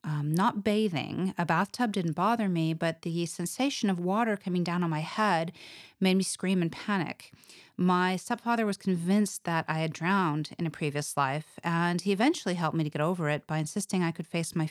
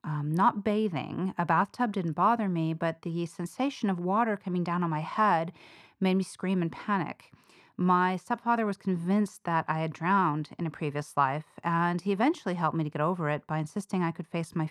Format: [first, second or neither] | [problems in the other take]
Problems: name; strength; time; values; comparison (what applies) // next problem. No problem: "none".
first | muffled; slightly; fading above 3 kHz